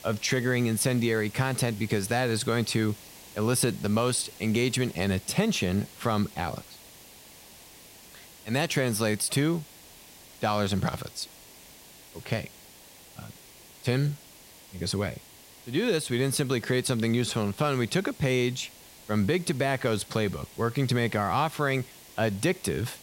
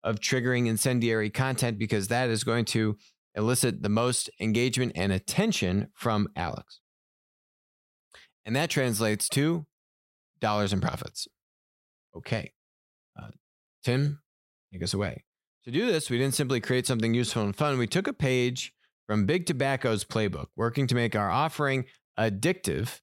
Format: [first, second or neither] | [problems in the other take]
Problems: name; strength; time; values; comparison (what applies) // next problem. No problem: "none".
second | hiss; noticeable; throughout; 20 dB below the speech